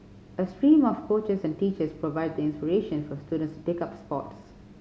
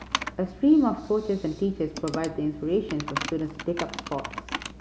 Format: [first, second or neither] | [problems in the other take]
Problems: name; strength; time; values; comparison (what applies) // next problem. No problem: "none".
first | background sound (Computer keyboard); 10 dB below the speech